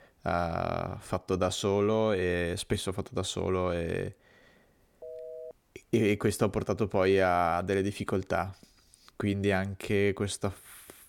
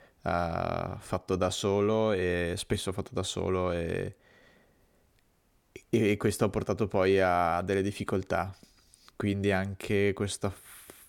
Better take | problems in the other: second | phone ringing; faint; at 5 s; peak 15 dB below the speech

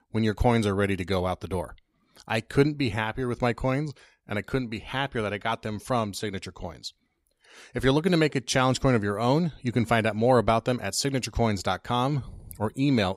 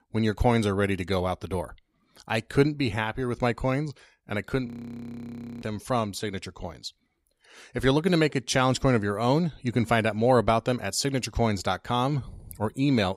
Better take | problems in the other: first | audio freezing; at 4.5 s for 1 s

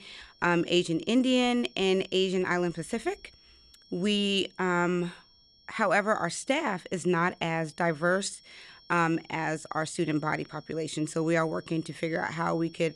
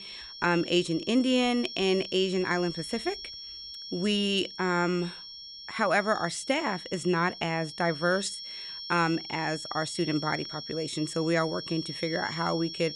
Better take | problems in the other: first | high-pitched whine; loud; throughout; 5.5 kHz, 10 dB below the speech; faint in the first

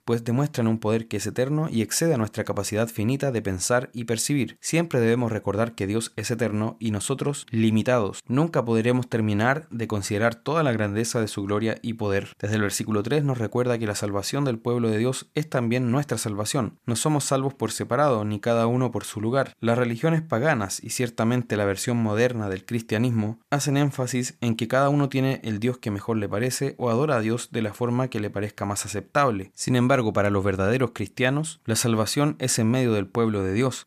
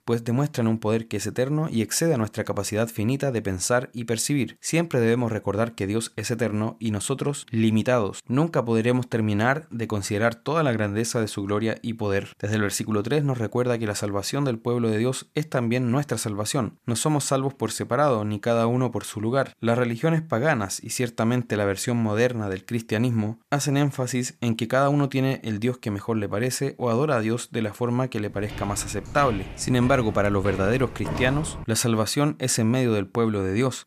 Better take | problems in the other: first | footsteps; noticeable; from 28 to 32 s; peak 6 dB below the speech

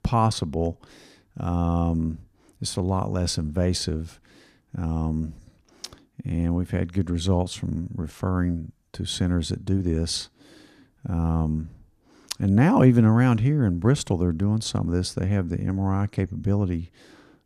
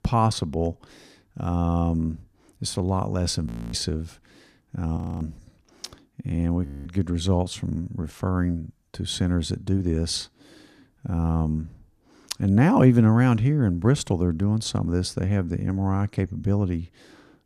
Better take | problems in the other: first | audio freezing; at 3.5 s, at 5 s and at 6.5 s

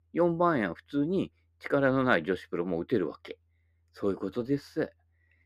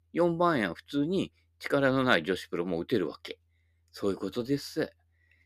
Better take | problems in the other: second | muffled; slightly; fading above 2.5 kHz

